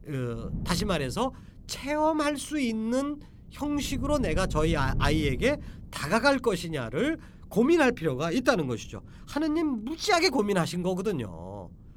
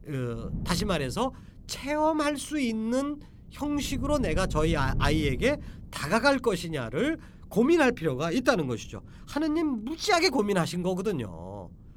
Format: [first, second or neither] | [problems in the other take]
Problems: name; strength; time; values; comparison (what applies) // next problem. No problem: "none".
neither | wind noise on the microphone; occasional gusts; 20 dB below the speech; the same in both